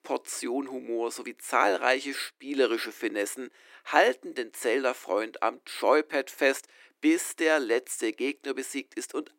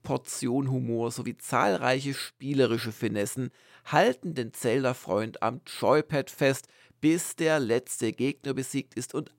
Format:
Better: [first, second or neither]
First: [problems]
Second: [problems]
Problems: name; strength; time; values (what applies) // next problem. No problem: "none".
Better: second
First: thin; somewhat; fading below 300 Hz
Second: none